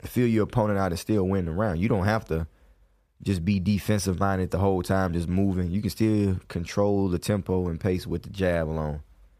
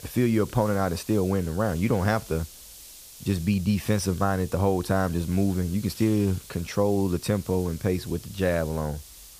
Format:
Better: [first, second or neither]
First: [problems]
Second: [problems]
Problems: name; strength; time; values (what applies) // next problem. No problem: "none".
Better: first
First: none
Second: hiss; noticeable; throughout; 20 dB below the speech